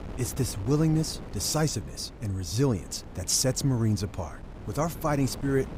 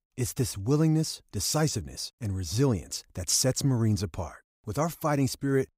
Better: second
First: wind noise on the microphone; occasional gusts; 15 dB below the speech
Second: none

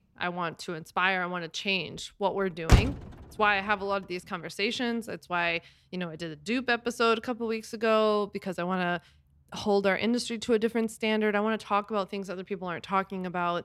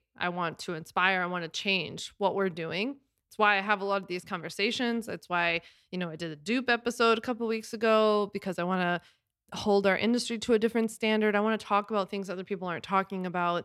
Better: second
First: traffic noise; very loud; throughout; 2 dB above the speech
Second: none

